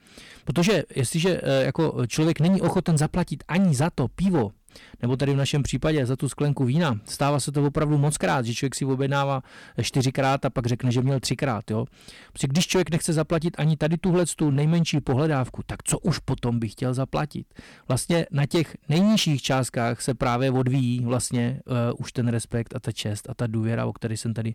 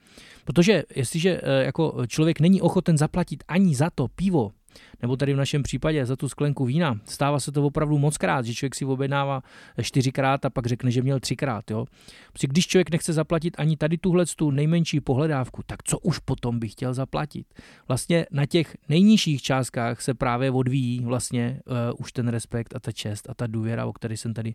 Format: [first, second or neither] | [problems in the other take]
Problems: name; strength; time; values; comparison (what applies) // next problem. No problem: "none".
second | distortion; slight; 8% of the sound clipped